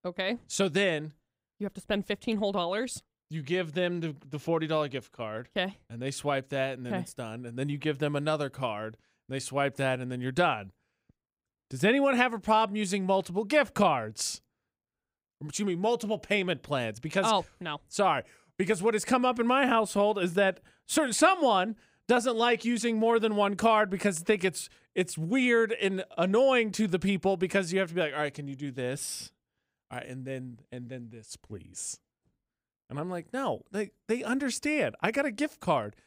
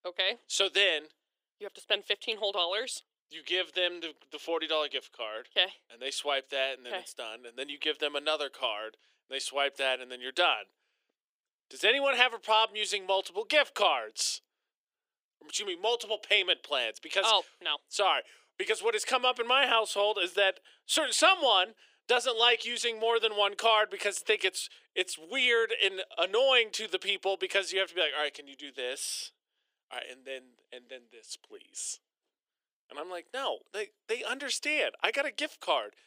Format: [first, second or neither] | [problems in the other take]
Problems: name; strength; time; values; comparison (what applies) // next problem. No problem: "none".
first | thin; very; fading below 350 Hz